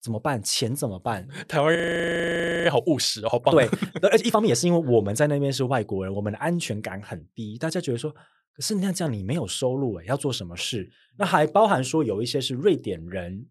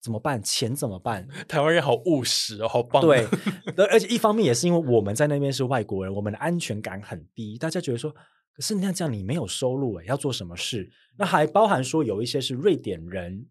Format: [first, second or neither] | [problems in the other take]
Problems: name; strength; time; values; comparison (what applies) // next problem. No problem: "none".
second | audio freezing; at 2 s for 1 s